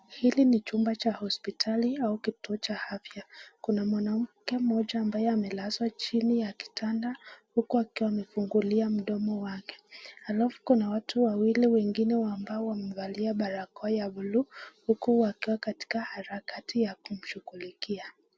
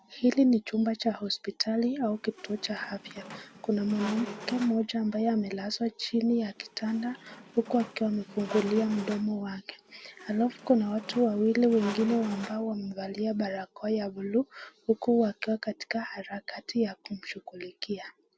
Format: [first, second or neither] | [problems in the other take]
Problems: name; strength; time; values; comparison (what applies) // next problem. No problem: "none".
first | background sound (Squeak); 14 dB below the speech